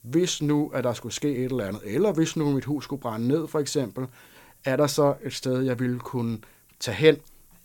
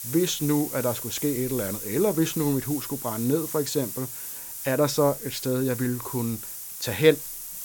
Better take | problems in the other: first | hiss; loud; throughout; 7 dB below the speech; faint in the first

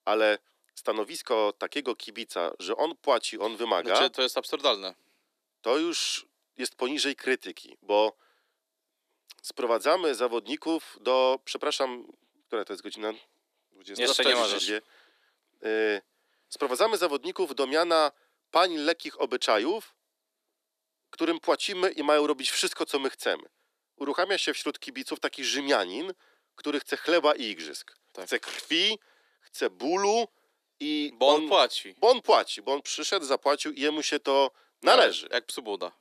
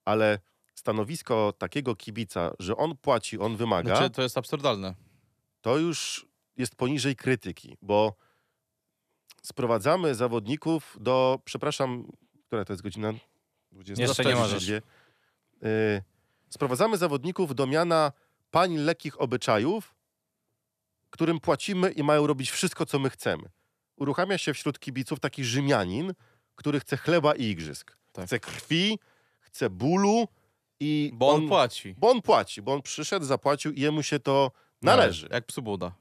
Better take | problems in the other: second | thin; somewhat; fading below 300 Hz

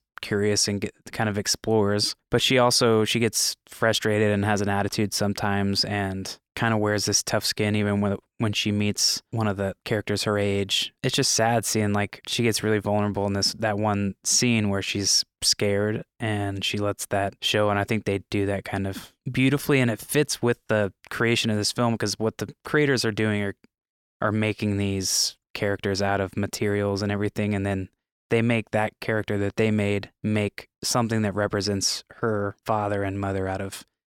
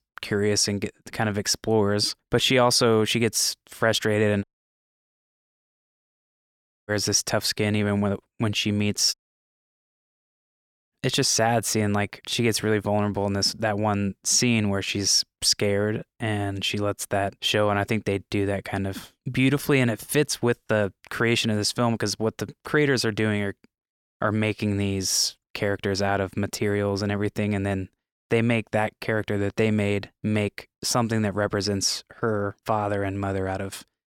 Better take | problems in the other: first | audio cutting out; at 4.5 s for 2.5 s and at 9 s for 2 s

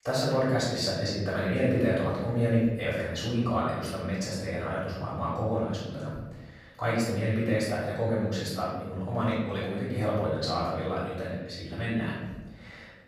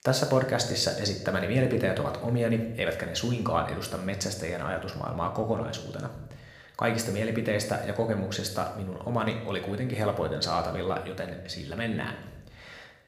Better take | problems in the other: second | room echo; strong; dies away in 1.2 s; slight in the second // off-mic speech; far

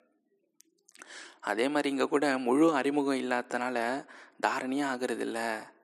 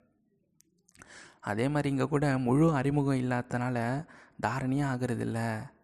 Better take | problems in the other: second | thin; very slightly; fading below 300 Hz

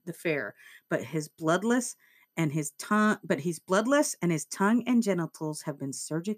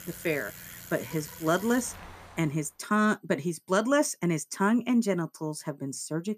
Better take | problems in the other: first | traffic noise; noticeable; until 2.5 s; 15 dB below the speech

